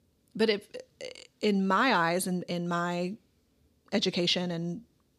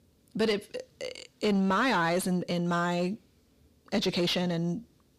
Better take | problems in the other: first | distortion; slight; 10 dB below the speech

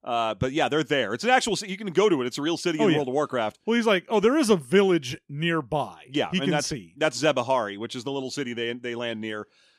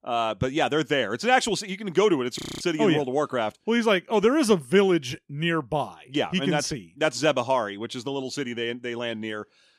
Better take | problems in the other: first | audio freezing; at 2.5 s

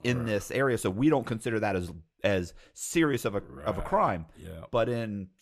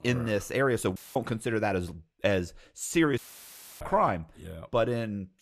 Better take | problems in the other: first | audio cutting out; filled with static; at 1 s and at 3 s for 0.5 s

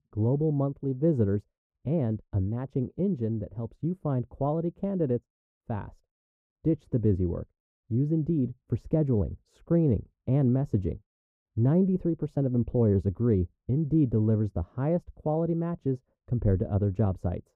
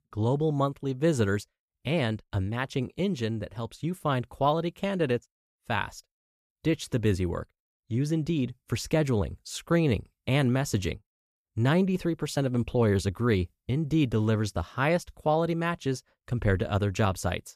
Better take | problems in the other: second | muffled; very; fading above 1 kHz

